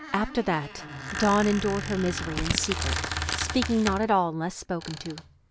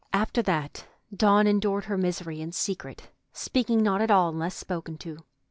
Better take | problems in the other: second | background sound (Squeak + Crumpling, crinkling); 5 dB below the speech

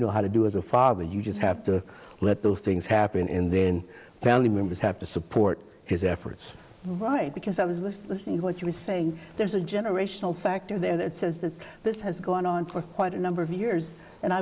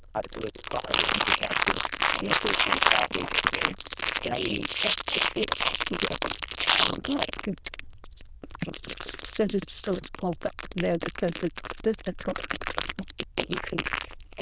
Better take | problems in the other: first | noise reduction (neural diffusion model UNIVERSE++)

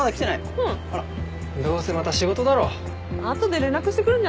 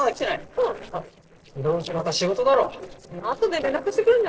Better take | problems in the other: first | noise reduction (neural separator model SepFormer DNS4)

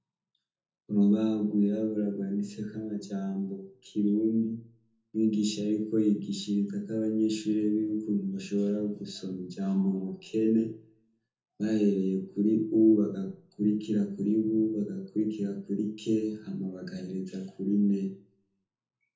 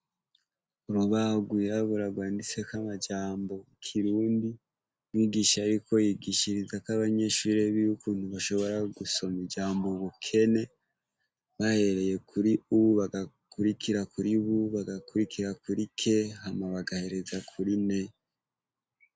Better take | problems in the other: second | room echo; dies away in 0.5 s

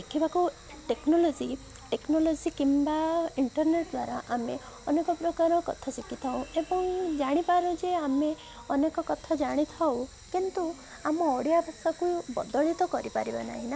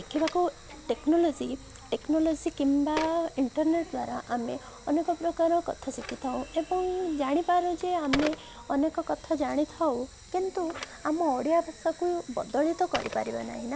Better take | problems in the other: first | background sound (Telephone); 16 dB below the speech

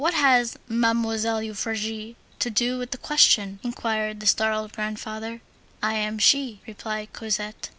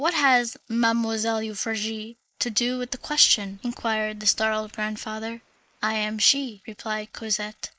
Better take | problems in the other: first | noise reduction (neural mask model Resemble Enhance denoiser)

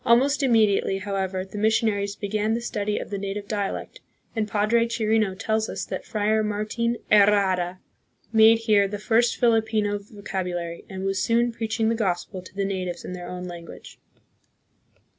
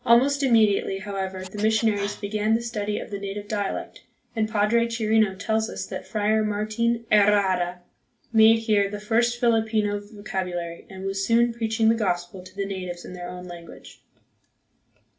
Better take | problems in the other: first | background sound (Scratching (performance technique)); 19 dB below the speech // room echo; dies away in 0.2 s

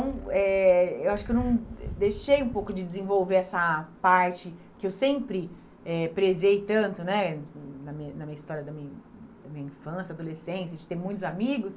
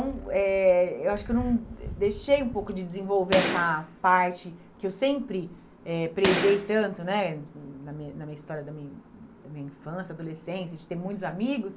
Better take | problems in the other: first | background sound (Gunshot, gunfire); 4 dB below the speech

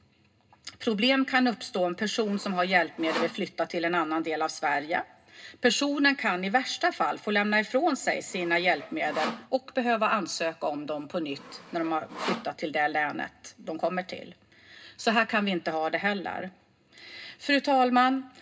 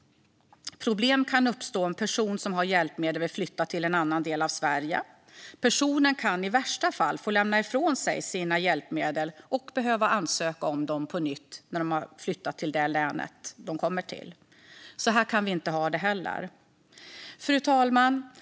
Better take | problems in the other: second | background sound (Sawing); 12 dB below the speech // room echo; dies away in 0.2 s

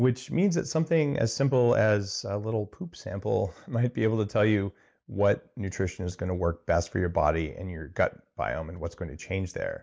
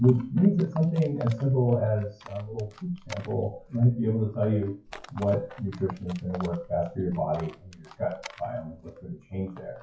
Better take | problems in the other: first | noise reduction (classical method WPE with log-MMSE)

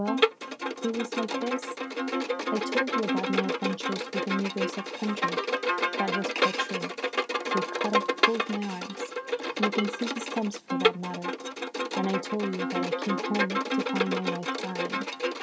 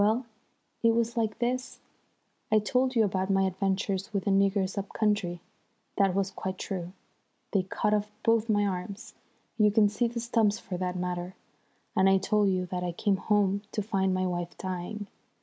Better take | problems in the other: second | background sound (Bowed string instrument); 4 dB above the speech

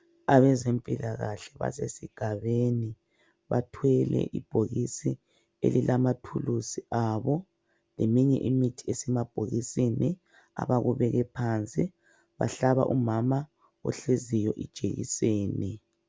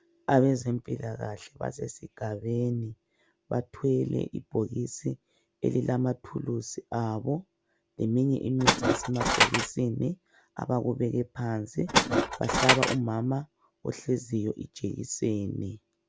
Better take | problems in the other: first | background sound (Tools); 5 dB above the speech

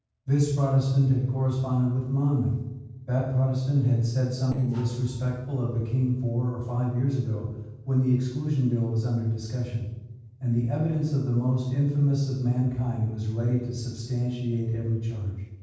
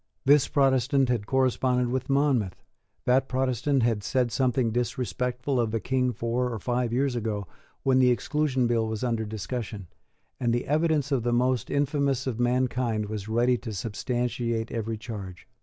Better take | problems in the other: second | noise reduction (neural separator model SepFormer DNS4)

